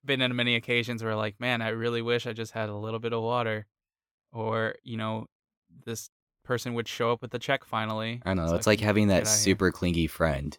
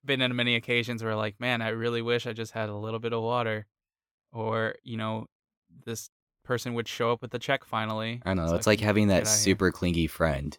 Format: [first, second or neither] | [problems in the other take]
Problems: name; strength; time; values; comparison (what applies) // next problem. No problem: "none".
neither | none